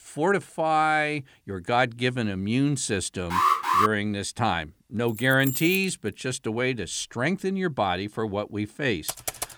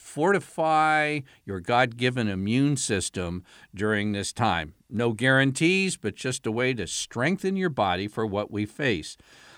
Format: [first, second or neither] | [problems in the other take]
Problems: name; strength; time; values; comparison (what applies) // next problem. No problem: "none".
second | alarm; loud; at 3.5 s; peak 5 dB above the speech // jangling keys; noticeable; at 5 s; peak 5 dB below the speech // keyboard typing; noticeable; at 9 s; peak 4 dB below the speech